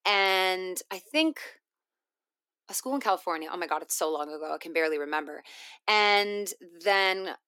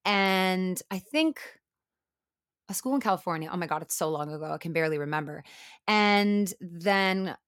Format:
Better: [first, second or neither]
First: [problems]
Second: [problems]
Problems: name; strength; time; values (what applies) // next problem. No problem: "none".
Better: second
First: thin; somewhat; fading below 300 Hz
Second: none